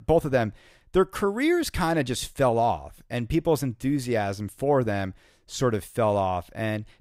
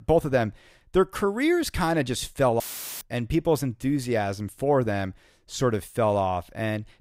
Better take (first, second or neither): first